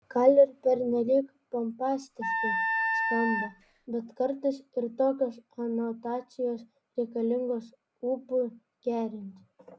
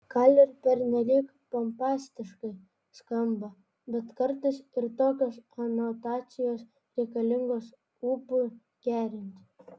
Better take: second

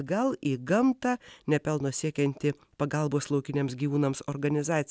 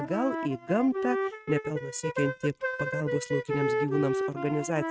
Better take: first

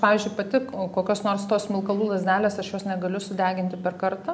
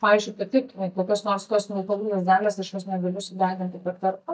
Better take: first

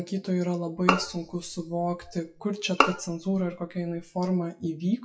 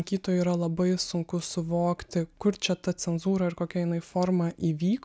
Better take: second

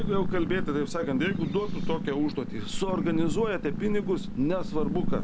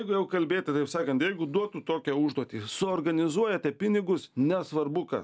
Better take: second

